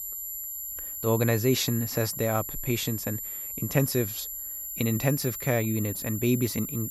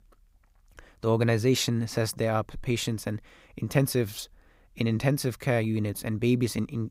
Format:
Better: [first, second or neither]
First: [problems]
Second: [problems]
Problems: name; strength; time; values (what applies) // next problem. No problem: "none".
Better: second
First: high-pitched whine; loud; throughout; 12 kHz, 5 dB below the speech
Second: none